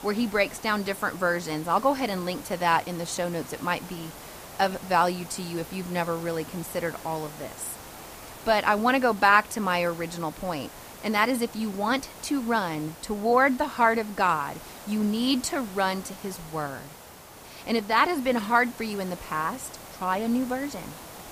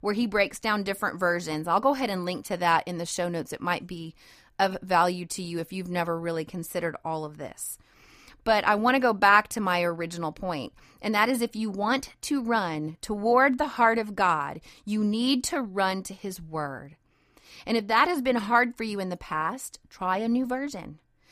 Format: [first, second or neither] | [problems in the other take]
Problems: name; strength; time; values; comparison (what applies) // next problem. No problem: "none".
second | hiss; noticeable; throughout; 15 dB below the speech